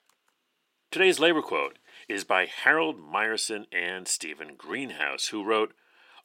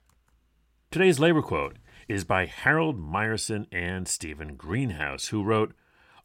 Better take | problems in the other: second | thin; somewhat; fading below 300 Hz

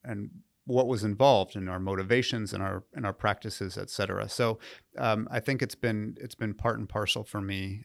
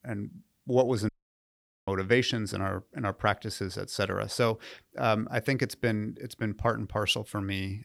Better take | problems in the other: first | audio cutting out; at 1 s for 1 s

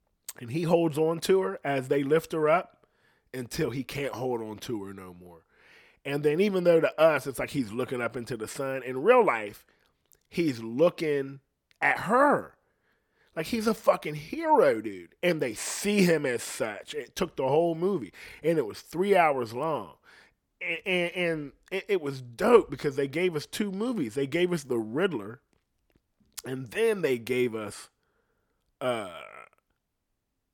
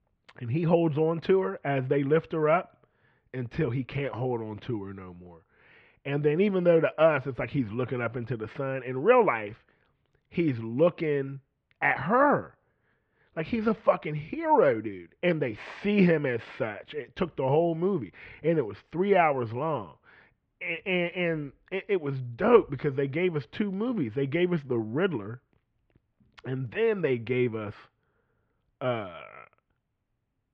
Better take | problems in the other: first | muffled; very; fading above 3 kHz

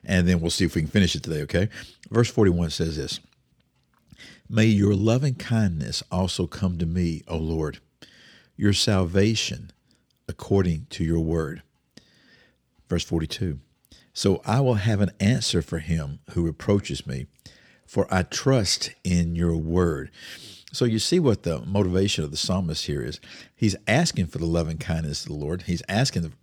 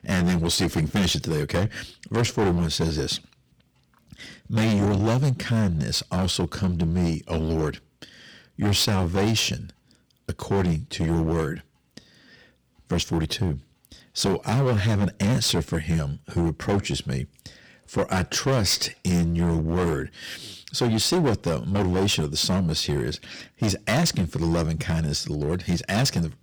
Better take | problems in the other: first | distortion; heavy; 14% of the sound clipped

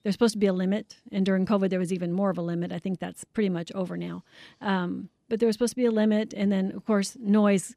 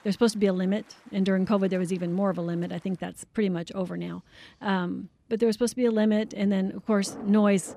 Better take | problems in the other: first | rain or running water; faint; throughout; 25 dB below the speech

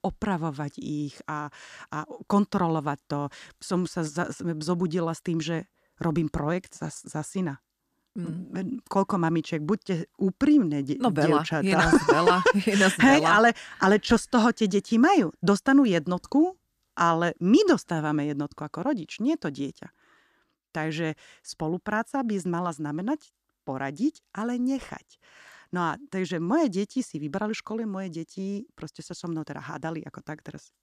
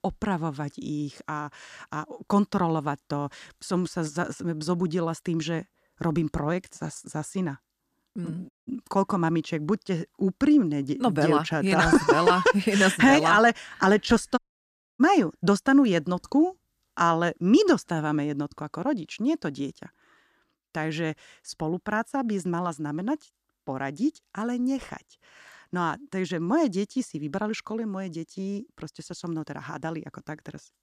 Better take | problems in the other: first | audio cutting out; at 8.5 s and at 14 s for 0.5 s

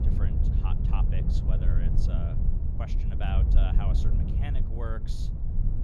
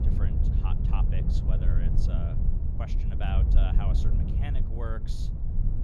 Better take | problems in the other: neither | low rumble; loud; throughout; as loud as the speech; the same in both

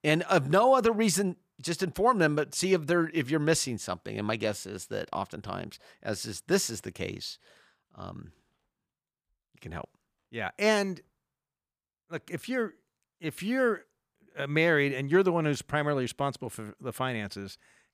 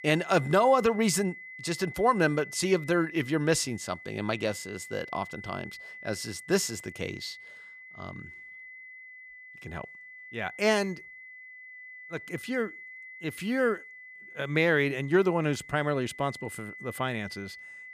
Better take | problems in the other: first | high-pitched whine; noticeable; throughout; 2 kHz, 15 dB below the speech

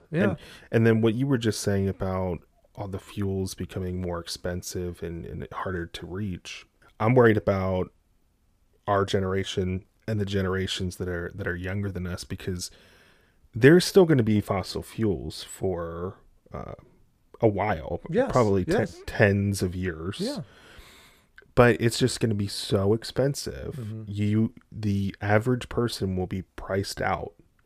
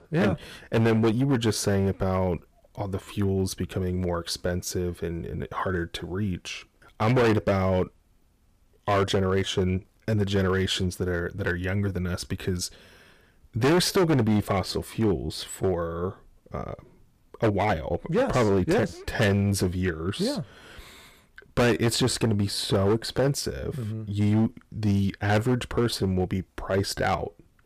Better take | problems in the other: first | distortion; heavy; 7% of the sound clipped

